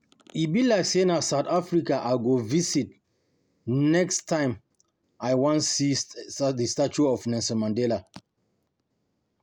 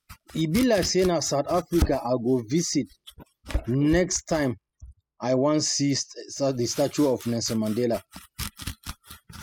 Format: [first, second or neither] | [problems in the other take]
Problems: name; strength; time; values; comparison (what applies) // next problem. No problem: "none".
first | noise reduction (classical method spectral subtraction)